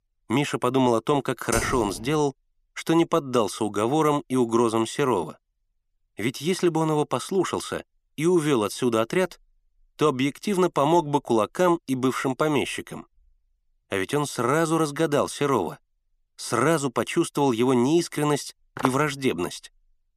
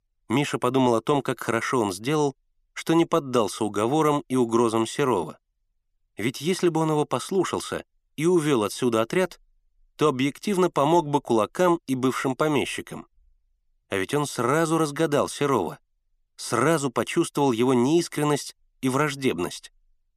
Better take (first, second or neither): second